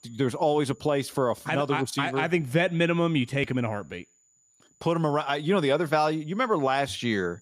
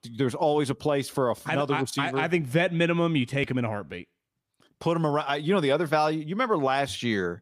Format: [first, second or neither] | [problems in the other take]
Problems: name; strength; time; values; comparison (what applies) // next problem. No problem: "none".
second | high-pitched whine; faint; throughout; 7 kHz, 35 dB below the speech